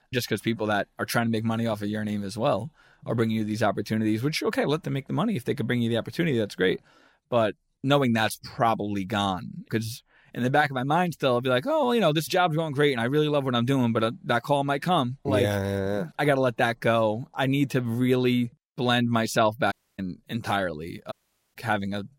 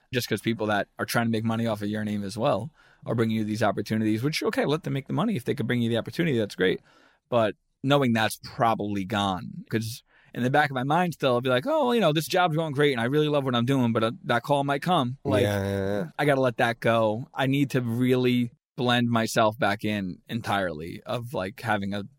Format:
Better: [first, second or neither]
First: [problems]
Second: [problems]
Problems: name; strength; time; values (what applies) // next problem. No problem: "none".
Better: second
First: audio cutting out; at 20 s and at 21 s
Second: none